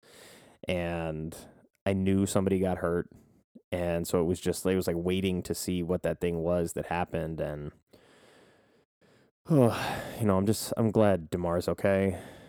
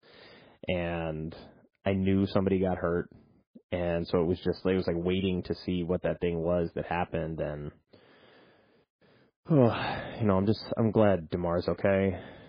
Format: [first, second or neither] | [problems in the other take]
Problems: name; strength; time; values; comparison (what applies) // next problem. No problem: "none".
first | garbled, watery; badly